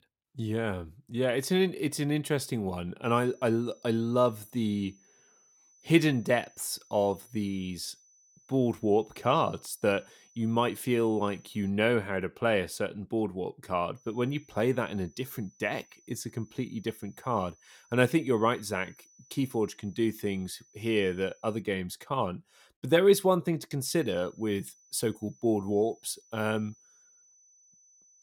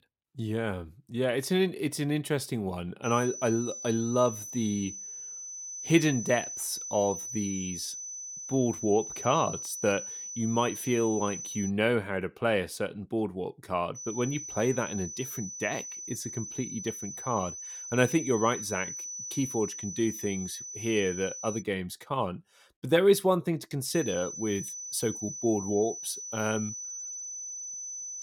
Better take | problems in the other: first | high-pitched whine; loud; from 3 to 12 s, from 14 to 22 s and from 24 s on; 6 kHz, 7 dB below the speech; faint in the first

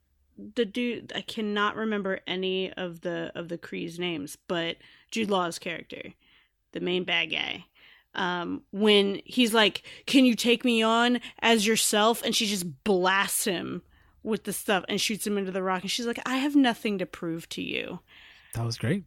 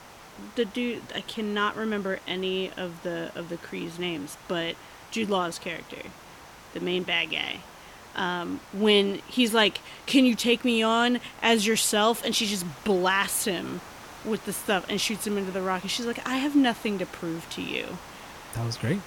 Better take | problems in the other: first | hiss; noticeable; throughout; 20 dB below the speech

